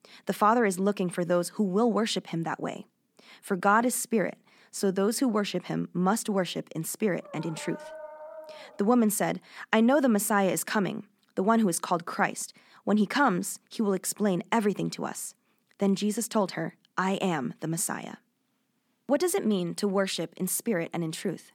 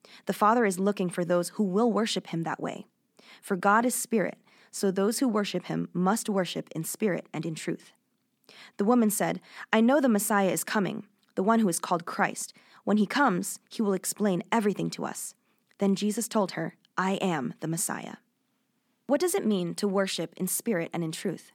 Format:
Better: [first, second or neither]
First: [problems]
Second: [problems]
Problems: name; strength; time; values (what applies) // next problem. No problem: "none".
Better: second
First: dog barking; faint; from 7 to 9 s; peak 15 dB below the speech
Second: none